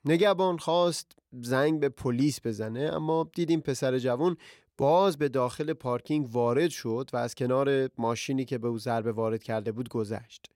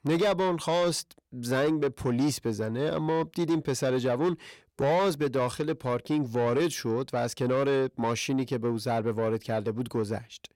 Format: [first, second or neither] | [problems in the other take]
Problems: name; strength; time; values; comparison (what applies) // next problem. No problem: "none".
first | distortion; slight; 10 dB below the speech